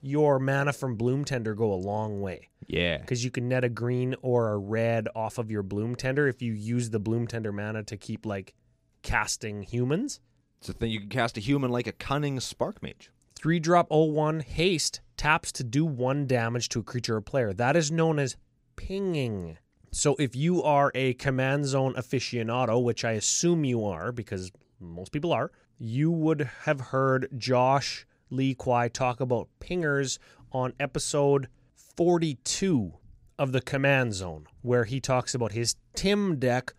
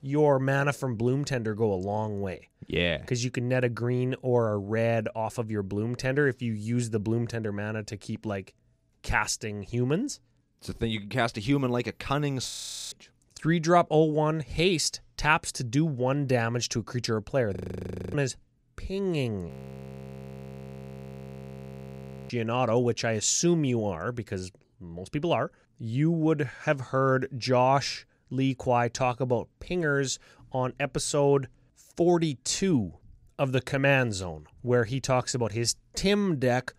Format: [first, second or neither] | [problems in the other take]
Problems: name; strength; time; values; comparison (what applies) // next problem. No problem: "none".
first | audio freezing; at 12 s, at 18 s for 0.5 s and at 19 s for 3 s